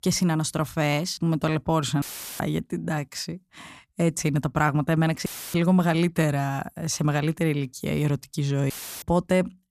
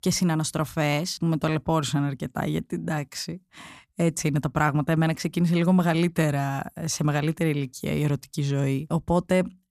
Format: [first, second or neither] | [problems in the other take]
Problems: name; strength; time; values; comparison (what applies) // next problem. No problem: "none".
second | audio cutting out; filled with static; at 2 s, at 5.5 s and at 8.5 s